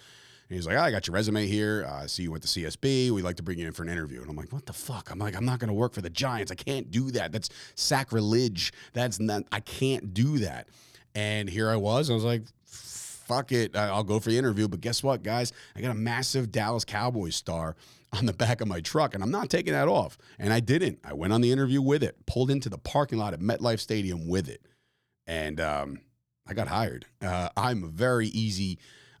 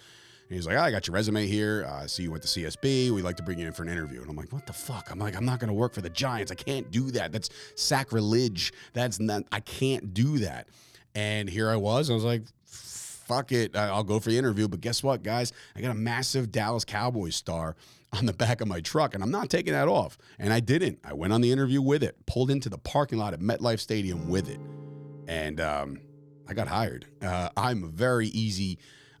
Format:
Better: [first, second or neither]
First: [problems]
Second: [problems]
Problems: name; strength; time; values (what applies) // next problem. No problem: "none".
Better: first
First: none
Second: background music; faint; throughout; 20 dB below the speech